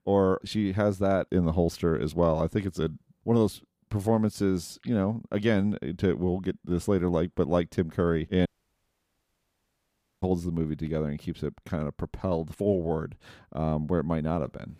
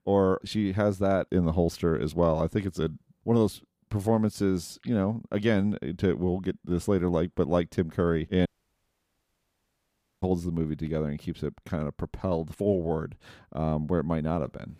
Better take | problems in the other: neither | audio cutting out; at 8.5 s for 2 s; the same in both

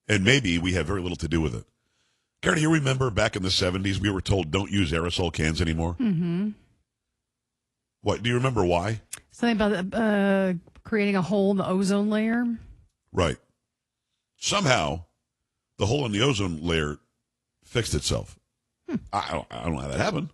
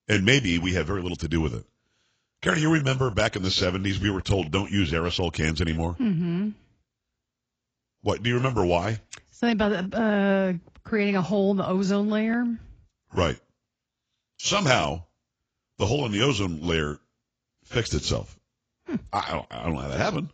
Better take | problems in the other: first | garbled, watery; badly; nothing above 7.5 kHz; slightly in the first

